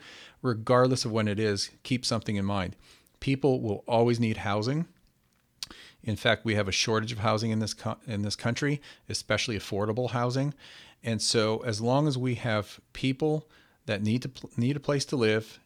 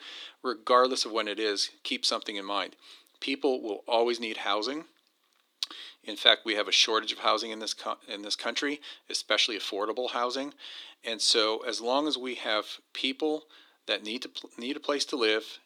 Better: first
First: none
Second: thin; somewhat; fading below 300 Hz

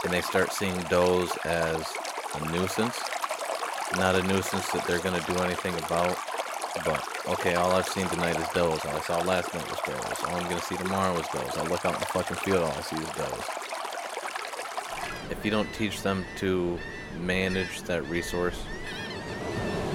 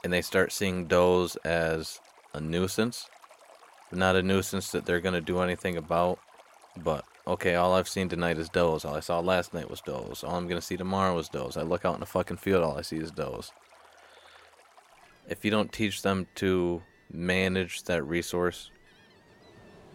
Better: second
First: rain or running water; loud; throughout; 4 dB below the speech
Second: rain or running water; faint; throughout; 25 dB below the speech

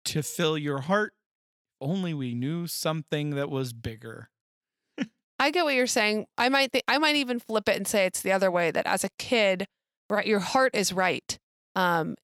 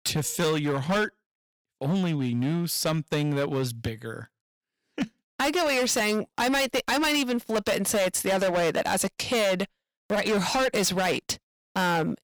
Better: first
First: none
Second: distortion; heavy; 16% of the sound clipped

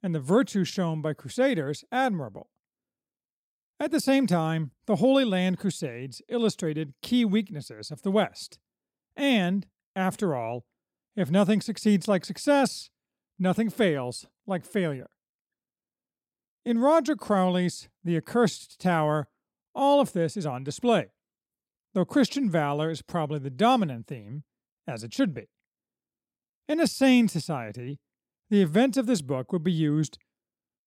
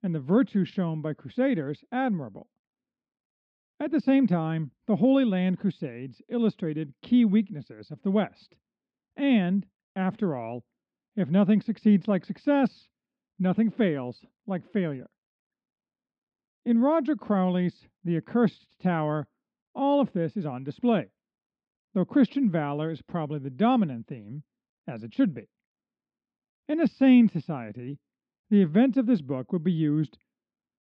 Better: first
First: none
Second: muffled; very; fading above 3.5 kHz

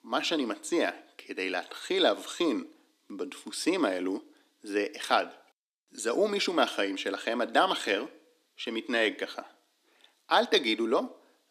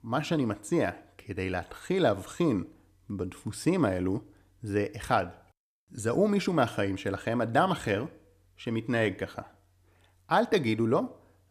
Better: second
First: thin; very slightly; fading below 250 Hz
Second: none

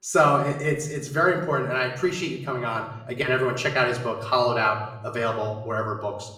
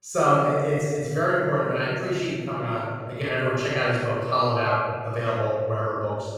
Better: first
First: room echo; slight; dies away in 0.7 s // off-mic speech; somewhat distant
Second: room echo; strong; dies away in 1.9 s // off-mic speech; far

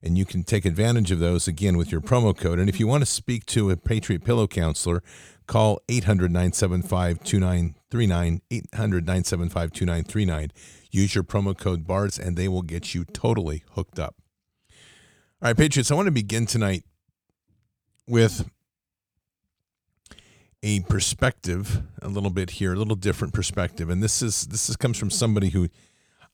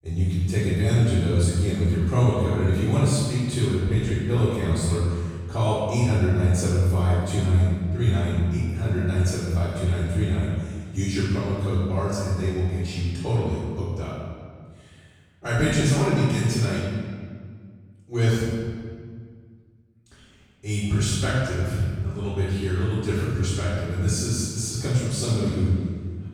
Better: first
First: none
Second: off-mic speech; far // room echo; strong; dies away in 1.7 s

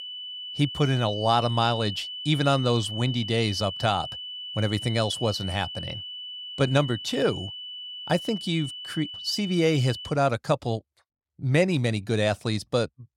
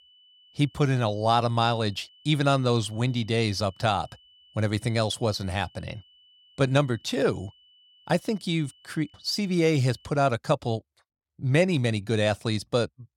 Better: second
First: high-pitched whine; loud; until 10 s; 3 kHz, 8 dB below the speech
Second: high-pitched whine; faint; until 10 s; 3 kHz, 30 dB below the speech

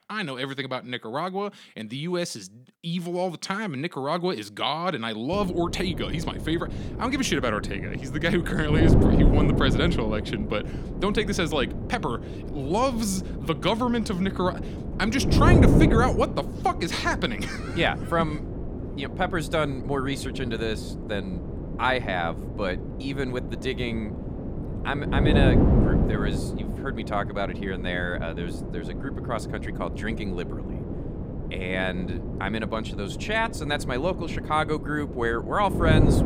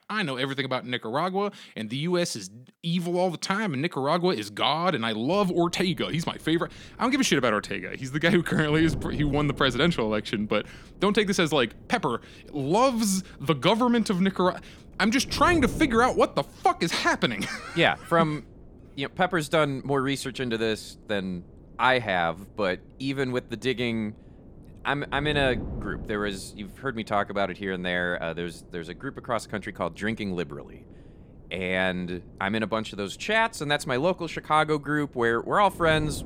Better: second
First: wind noise on the microphone; heavy; from 5.5 s on; 7 dB below the speech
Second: wind noise on the microphone; occasional gusts; from 5.5 s on; 25 dB below the speech

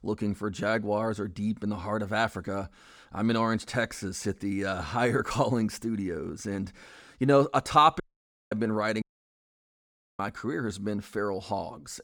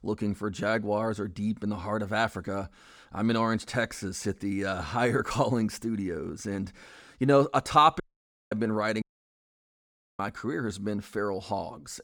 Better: neither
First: audio cutting out; at 8 s for 0.5 s and at 9 s for 1 s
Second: audio cutting out; at 8 s for 0.5 s and at 9 s for 1 s

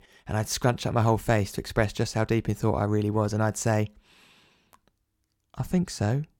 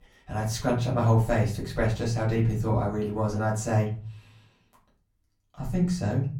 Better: first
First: none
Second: off-mic speech; far // room echo; slight; dies away in 0.5 s

